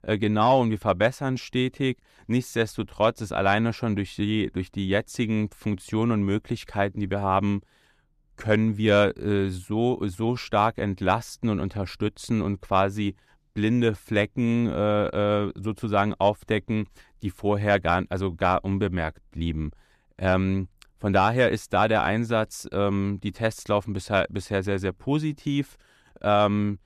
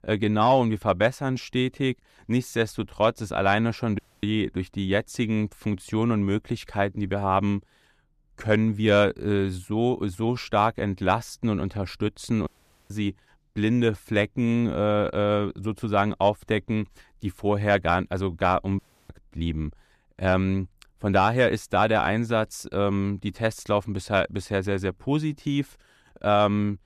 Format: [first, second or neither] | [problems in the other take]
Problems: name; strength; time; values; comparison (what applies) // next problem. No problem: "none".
first | audio cutting out; at 4 s, at 12 s and at 19 s